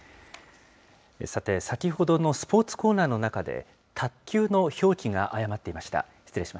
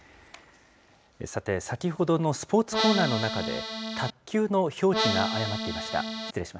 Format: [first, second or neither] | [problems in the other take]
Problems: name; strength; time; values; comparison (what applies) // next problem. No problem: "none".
first | background sound (Accordion); 1 dB below the speech